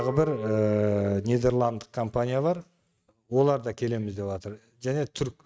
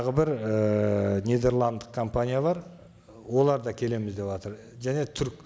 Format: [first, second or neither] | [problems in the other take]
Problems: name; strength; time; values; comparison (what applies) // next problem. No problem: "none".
second | noise reduction (neural mask model RNNoise)